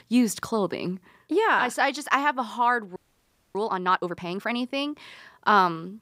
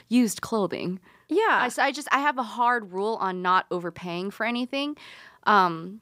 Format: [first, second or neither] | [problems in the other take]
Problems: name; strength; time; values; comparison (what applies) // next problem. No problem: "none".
second | audio freezing; at 3 s for 0.5 s